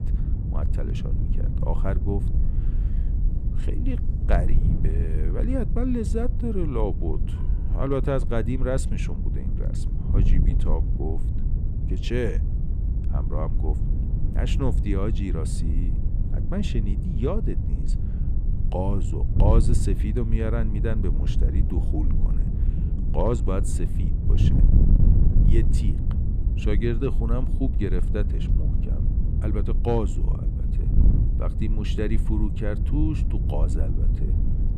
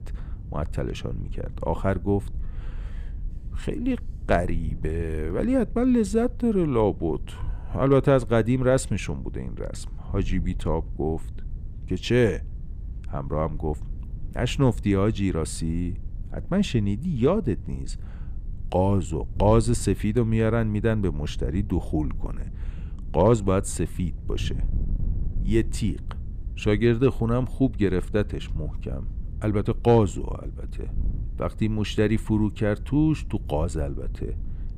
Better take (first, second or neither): second